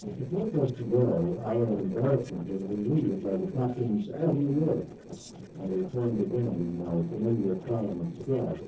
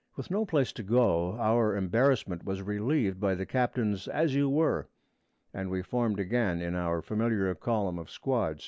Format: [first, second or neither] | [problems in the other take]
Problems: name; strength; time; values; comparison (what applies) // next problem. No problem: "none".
second | noise reduction (neural separator model SepFormer DNS4)